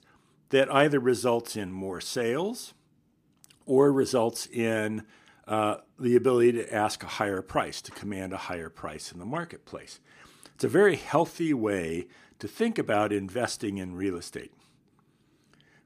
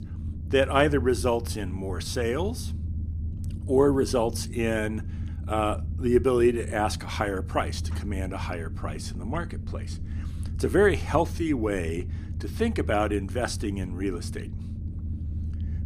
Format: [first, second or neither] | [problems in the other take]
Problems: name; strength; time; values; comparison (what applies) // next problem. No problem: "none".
first | low rumble; noticeable; throughout; 20 dB below the speech